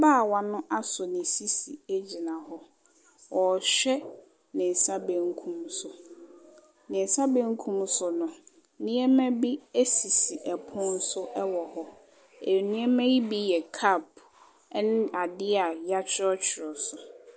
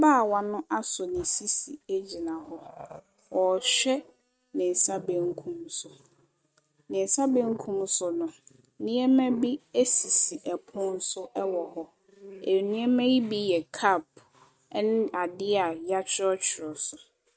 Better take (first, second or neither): first